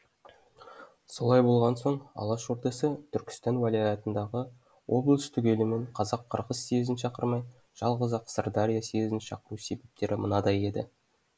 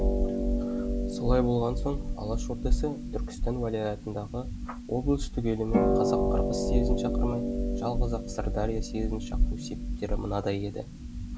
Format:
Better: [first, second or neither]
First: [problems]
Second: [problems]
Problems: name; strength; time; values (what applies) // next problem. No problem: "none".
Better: first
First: none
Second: background sound (Harp); 4 dB above the speech